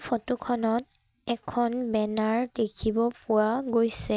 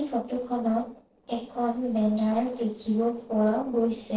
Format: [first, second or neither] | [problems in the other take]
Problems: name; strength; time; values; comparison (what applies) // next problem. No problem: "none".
first | noise reduction (neural separator model SepFormer DNS4)